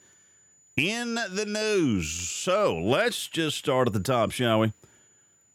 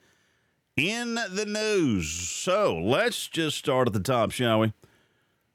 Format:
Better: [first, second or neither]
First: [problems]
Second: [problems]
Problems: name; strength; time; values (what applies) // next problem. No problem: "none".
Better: second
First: high-pitched whine; faint; throughout; 7 kHz, 30 dB below the speech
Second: none